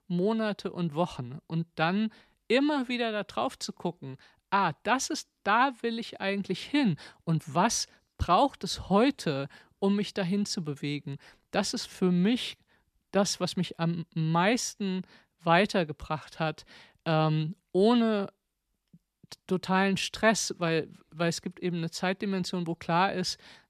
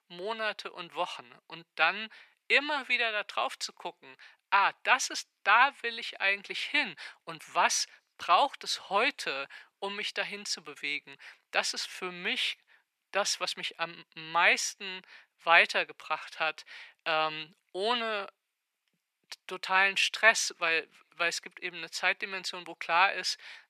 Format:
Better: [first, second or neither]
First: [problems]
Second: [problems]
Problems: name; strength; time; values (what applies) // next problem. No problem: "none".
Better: first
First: none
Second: thin; very; fading below 650 Hz